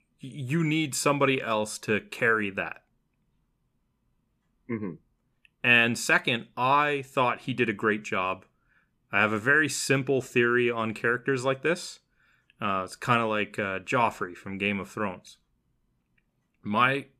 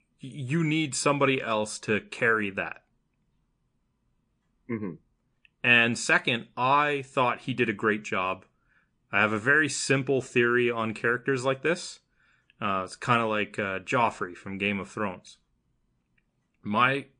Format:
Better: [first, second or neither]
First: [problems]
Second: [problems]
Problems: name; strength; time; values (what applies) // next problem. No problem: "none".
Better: first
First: none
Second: garbled, watery; slightly; nothing above 9.5 kHz